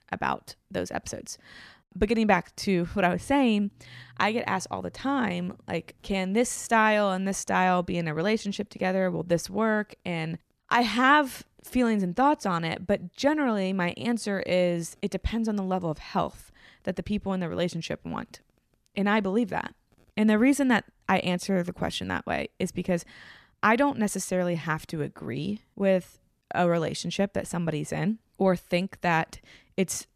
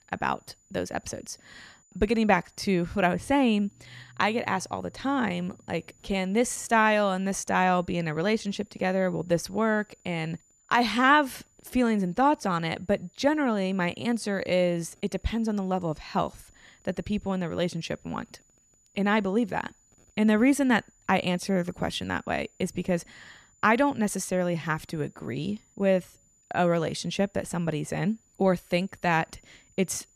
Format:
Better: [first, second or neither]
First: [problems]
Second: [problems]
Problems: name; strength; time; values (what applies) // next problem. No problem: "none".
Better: first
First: none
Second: high-pitched whine; faint; throughout; 7 kHz, 35 dB below the speech